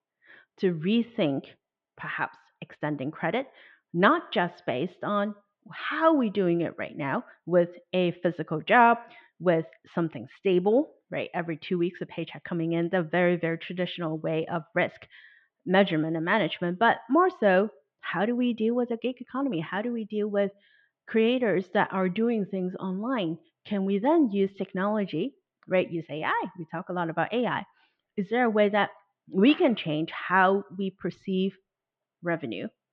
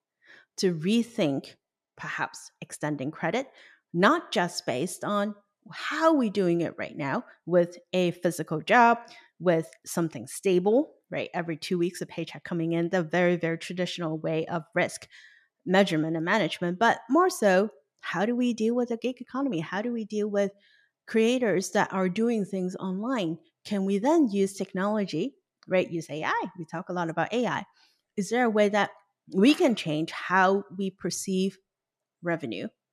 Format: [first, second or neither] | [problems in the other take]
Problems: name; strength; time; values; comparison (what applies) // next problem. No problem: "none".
second | muffled; very; fading above 3.5 kHz